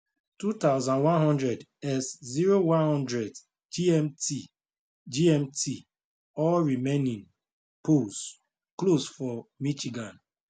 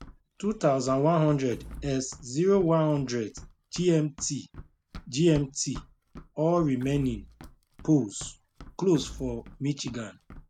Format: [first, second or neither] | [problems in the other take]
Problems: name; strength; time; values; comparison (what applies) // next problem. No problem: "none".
first | background sound (Run + Door / Wood); 18 dB below the speech